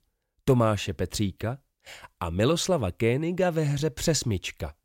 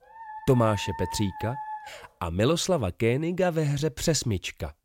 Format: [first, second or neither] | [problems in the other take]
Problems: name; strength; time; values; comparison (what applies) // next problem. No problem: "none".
first | dog barking; noticeable; until 2 s; peak 10 dB below the speech